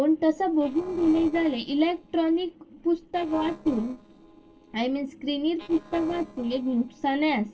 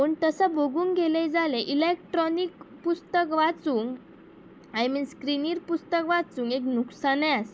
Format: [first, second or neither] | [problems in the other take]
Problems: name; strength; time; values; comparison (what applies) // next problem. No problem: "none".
second | noise reduction (neural separator model SepFormer DNS4)